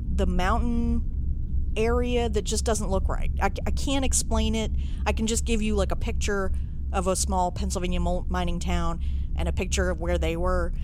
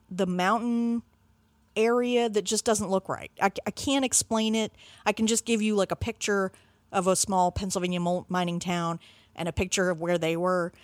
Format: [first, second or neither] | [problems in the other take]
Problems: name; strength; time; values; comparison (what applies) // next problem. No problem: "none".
second | low rumble; noticeable; throughout; 20 dB below the speech